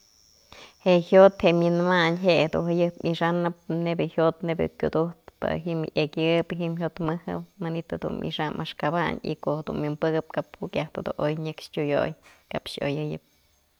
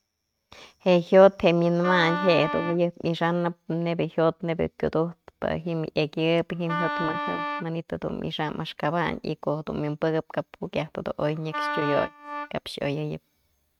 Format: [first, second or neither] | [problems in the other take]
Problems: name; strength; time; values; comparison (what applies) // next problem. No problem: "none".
first | noise reduction (neural mask model RNNoise)